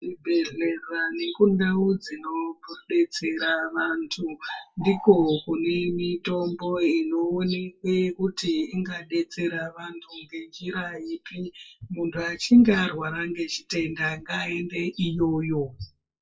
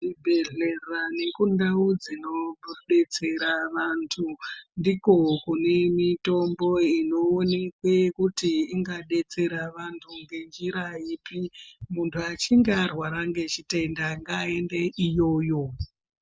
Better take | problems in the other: second | noise reduction (classical method WPE with log-MMSE)

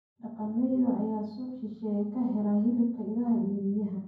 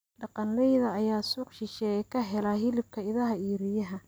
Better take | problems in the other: second | room echo; dies away in 0.9 s

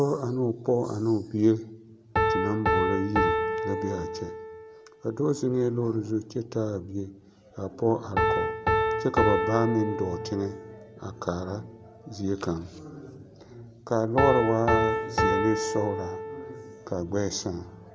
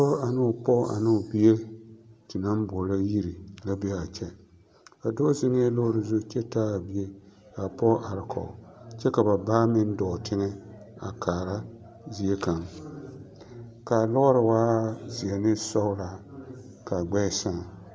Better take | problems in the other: second | background sound (Piano); 2 dB below the speech

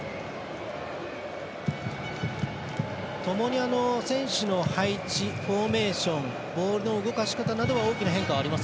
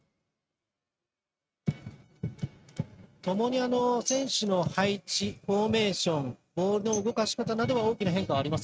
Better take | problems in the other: first | noise reduction (neural mask model RNNoise)

